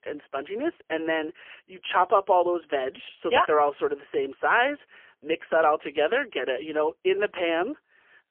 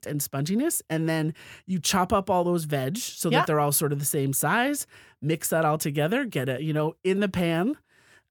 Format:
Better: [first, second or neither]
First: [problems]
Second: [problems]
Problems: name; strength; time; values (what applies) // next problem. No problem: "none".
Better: second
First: phone-call audio; poor line; nothing above 3 kHz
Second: none